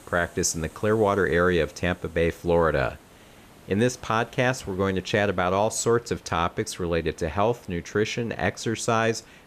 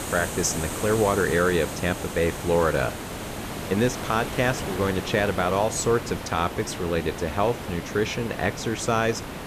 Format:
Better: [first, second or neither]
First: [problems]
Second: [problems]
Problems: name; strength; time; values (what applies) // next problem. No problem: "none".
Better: first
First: hiss; faint; throughout; 25 dB below the speech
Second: hiss; loud; throughout; 8 dB below the speech